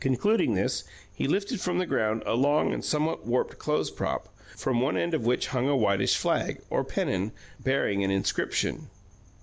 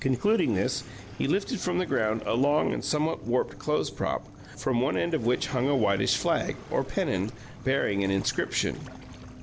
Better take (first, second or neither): first